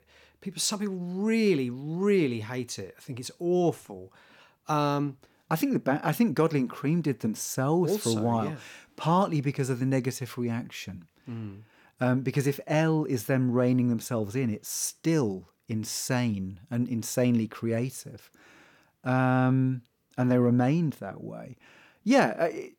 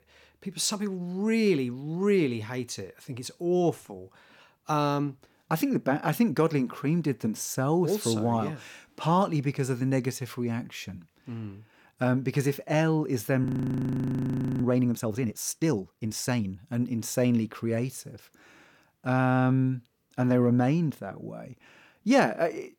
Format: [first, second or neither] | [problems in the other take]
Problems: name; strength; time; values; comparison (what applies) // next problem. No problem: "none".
first | audio freezing; at 13 s for 1 s